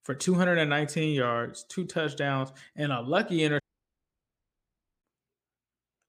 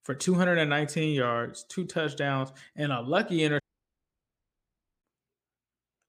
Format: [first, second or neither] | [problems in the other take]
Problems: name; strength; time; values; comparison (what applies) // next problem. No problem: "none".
neither | audio cutting out; at 3.5 s for 1.5 s; the same in both